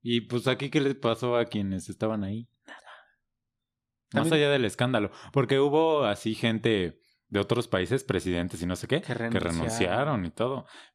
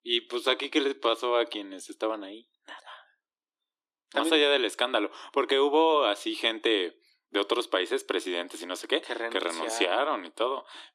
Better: first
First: none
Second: thin; somewhat; fading below 300 Hz

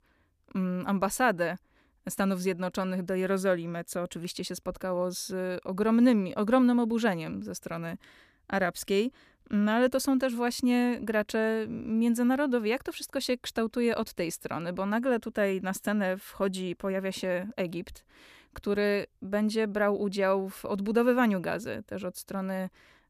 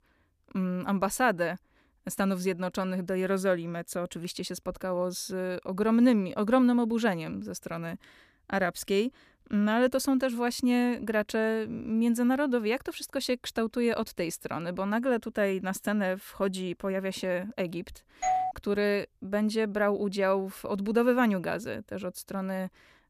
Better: first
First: none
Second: doorbell; loud; at 18 s; peak level with the speech

